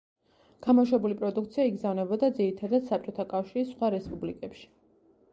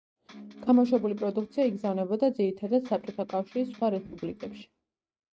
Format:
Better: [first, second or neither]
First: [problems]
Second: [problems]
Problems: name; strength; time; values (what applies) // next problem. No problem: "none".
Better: first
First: none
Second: noise reduction (neural mask model RNNoise)